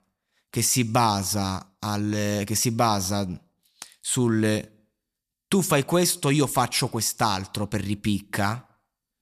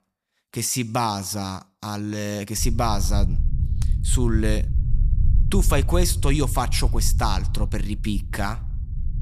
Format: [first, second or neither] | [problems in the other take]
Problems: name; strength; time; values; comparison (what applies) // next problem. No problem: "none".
first | low rumble; noticeable; from 2.5 s on; 15 dB below the speech